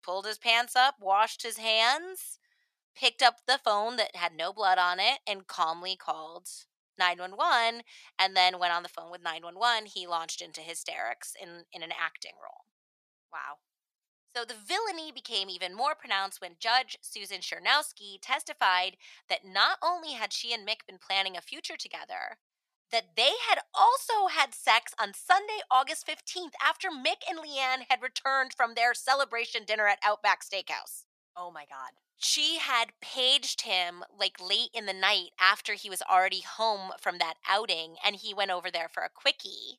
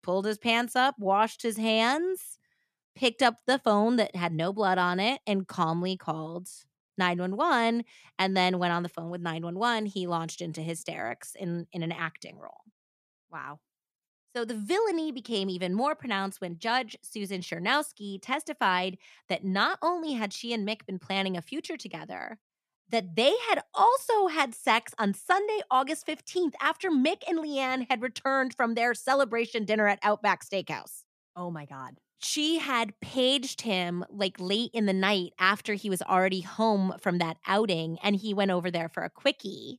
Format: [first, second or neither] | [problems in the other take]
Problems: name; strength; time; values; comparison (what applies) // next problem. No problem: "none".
second | thin; very; fading below 800 Hz